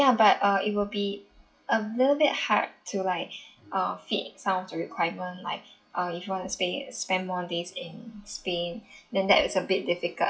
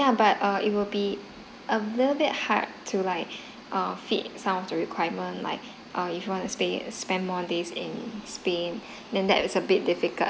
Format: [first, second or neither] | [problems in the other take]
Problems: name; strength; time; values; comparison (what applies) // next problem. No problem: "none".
second | noise reduction (classical method WPE with log-MMSE)